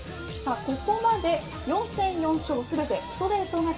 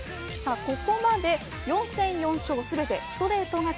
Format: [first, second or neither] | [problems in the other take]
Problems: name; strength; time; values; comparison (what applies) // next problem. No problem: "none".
second | room echo; dies away in 2.8 s